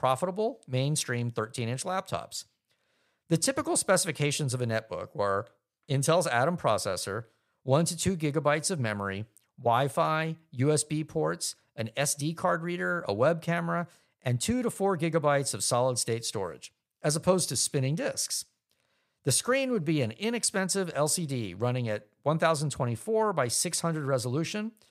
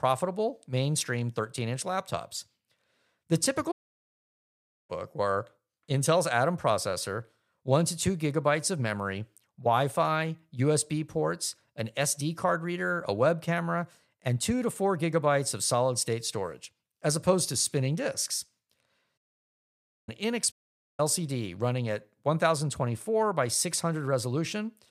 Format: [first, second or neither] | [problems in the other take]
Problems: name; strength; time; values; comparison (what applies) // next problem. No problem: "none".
first | audio cutting out; at 3.5 s for 1 s, at 19 s for 1 s and at 21 s